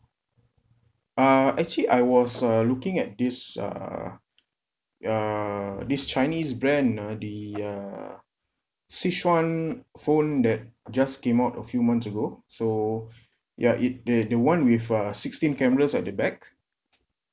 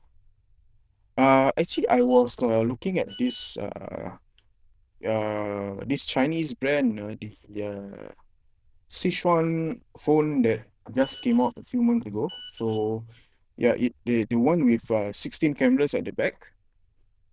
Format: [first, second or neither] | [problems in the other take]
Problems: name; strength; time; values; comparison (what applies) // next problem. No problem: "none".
first | noise reduction (neural diffusion model UNIVERSE++)